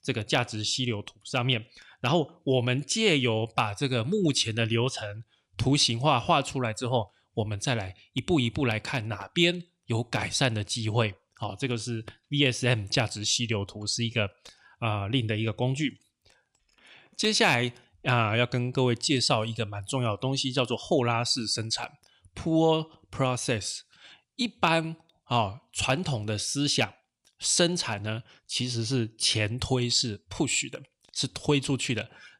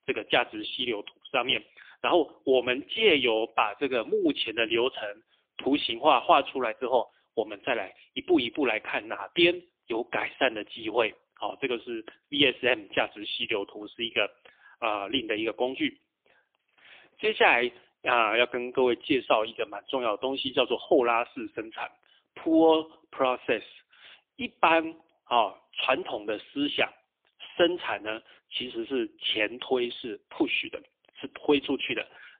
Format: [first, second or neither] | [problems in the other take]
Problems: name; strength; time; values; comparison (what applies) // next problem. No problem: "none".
first | phone-call audio; poor line